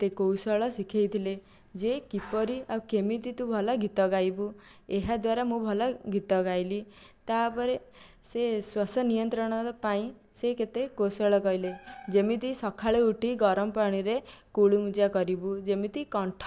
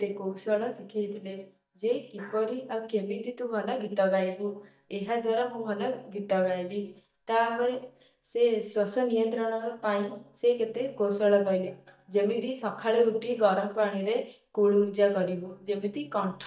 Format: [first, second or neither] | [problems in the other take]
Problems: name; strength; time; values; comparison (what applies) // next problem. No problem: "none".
first | noise reduction (neural mask model DeepFilterNet 3)